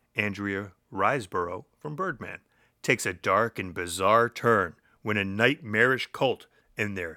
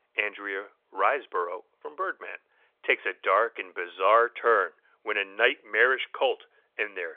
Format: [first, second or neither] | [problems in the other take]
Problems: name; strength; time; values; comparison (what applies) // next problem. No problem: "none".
first | phone-call audio